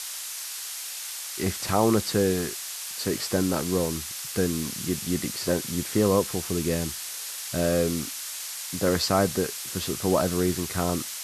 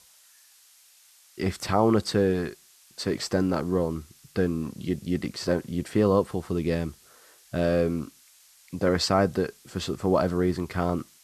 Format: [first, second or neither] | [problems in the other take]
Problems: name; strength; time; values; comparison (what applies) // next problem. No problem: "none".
second | hiss; loud; throughout; 5 dB below the speech; faint in the second